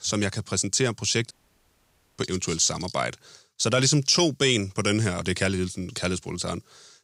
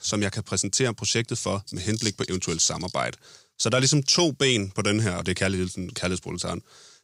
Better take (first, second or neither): second